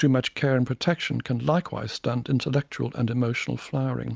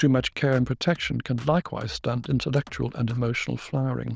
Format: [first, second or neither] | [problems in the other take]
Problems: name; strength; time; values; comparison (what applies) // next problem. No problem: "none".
first | noise reduction (neural diffusion model UNIVERSE++)